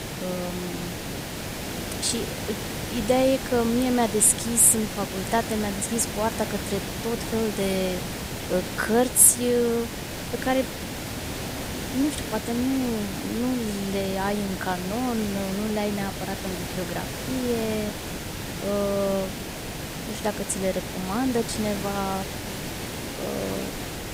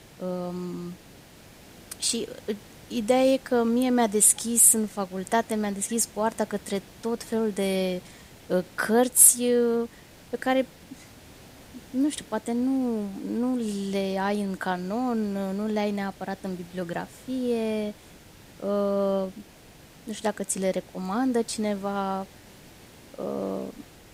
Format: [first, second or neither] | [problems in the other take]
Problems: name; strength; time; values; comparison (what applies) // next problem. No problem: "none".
second | hiss; loud; throughout; 7 dB below the speech; faint in the second